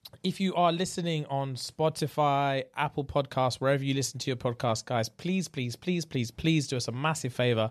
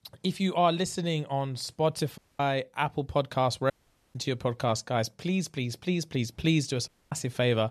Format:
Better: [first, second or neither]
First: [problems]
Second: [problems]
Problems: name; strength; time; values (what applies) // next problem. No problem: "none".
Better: first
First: none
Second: audio cutting out; at 2 s, at 3.5 s and at 7 s